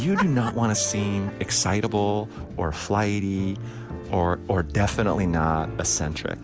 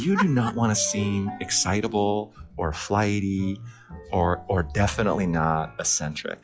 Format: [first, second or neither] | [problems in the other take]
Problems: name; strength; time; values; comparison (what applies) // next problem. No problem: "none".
first | noise reduction (classical method log-MMSE)